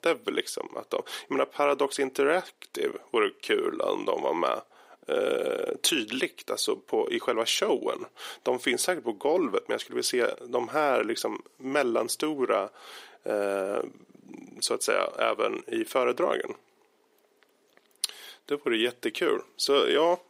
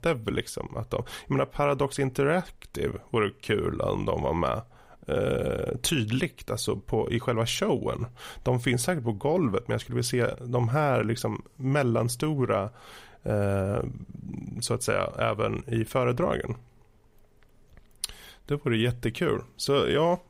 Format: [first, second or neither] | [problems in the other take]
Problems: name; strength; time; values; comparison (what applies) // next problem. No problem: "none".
second | thin; somewhat; fading below 300 Hz